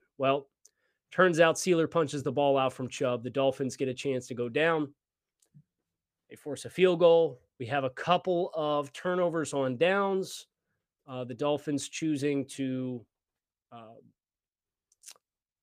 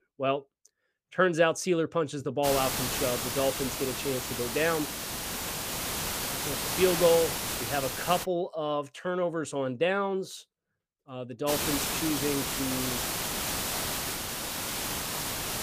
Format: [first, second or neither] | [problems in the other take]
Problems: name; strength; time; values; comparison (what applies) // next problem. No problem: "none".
first | hiss; loud; from 2.5 to 8 s and from 11 s on; 1 dB below the speech